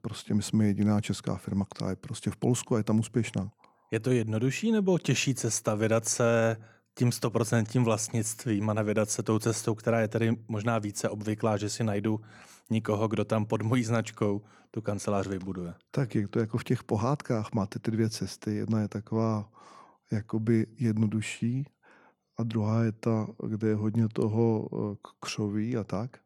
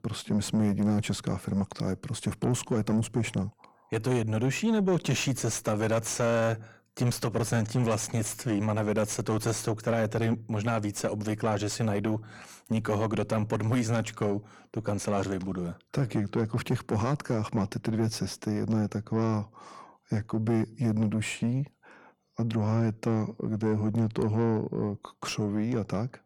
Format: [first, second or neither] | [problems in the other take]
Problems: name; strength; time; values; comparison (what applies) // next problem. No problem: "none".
first | distortion; slight; 9 dB below the speech